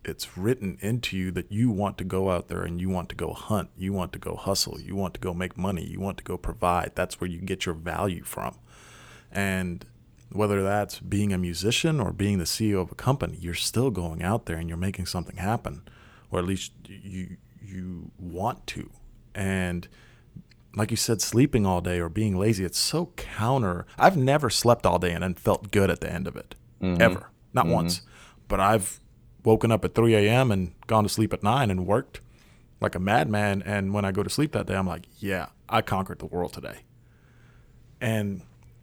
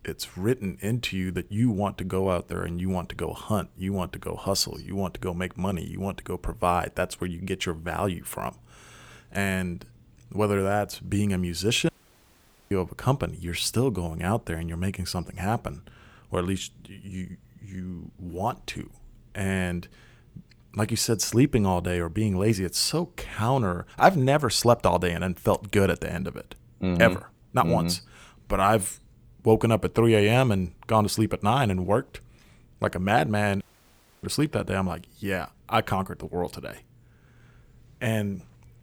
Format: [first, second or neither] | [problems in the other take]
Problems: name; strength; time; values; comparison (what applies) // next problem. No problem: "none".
first | audio cutting out; at 12 s for 1 s and at 34 s for 0.5 s